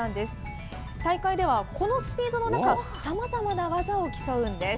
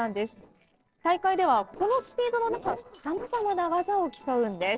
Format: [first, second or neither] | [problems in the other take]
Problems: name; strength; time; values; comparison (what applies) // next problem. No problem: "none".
first | noise reduction (neural separator model SepFormer DNS4)